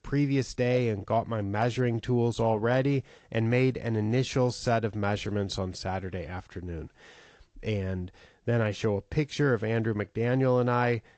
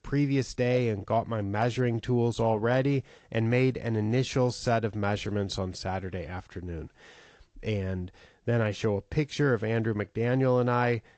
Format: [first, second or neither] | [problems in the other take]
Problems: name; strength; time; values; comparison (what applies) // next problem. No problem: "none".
neither | garbled, watery; slightly; nothing above 8 kHz; the same in both